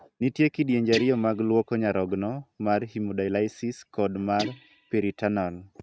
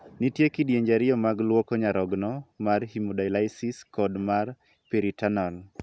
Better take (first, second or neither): second